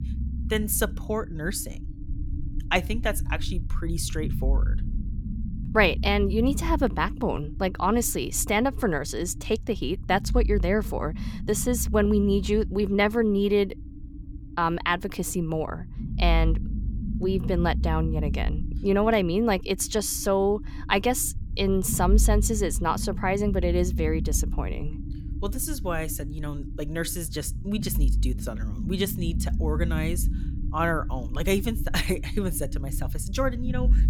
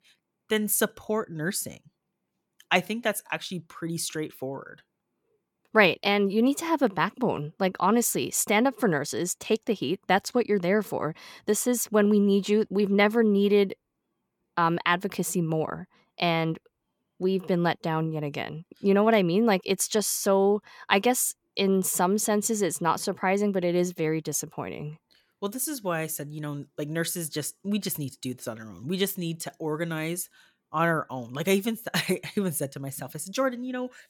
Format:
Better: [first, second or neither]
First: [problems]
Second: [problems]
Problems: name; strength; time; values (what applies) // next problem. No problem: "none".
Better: second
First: low rumble; noticeable; throughout; 15 dB below the speech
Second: none